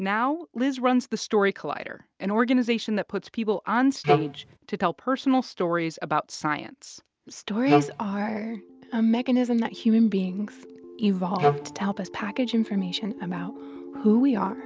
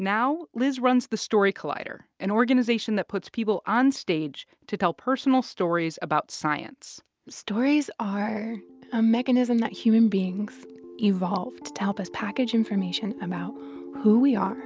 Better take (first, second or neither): second